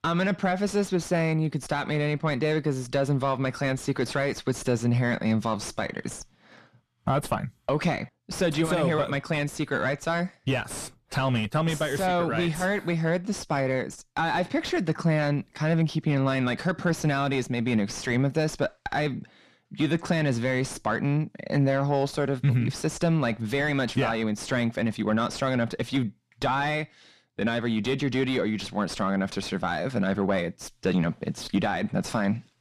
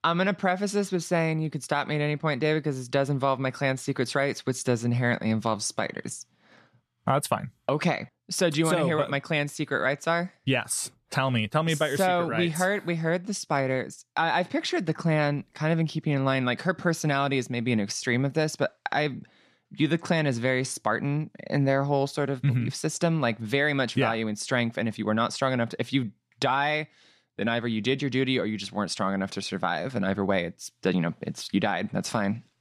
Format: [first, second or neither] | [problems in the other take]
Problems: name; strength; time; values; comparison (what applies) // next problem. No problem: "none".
second | distortion; slight; 9 dB below the speech